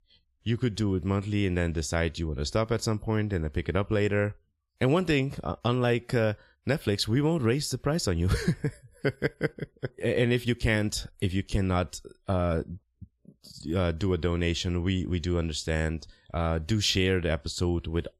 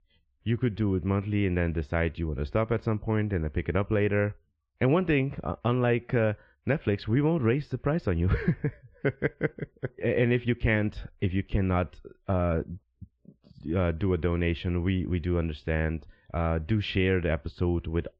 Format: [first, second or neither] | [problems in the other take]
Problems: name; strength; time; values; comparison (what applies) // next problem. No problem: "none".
first | muffled; very; fading above 2.5 kHz